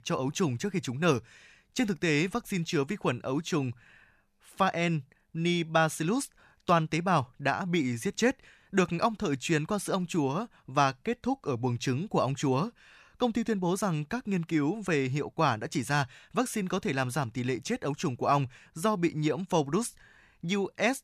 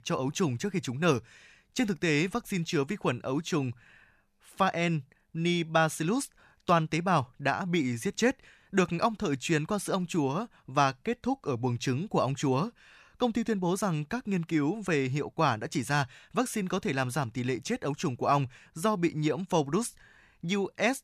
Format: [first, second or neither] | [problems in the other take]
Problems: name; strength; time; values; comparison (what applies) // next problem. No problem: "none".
neither | none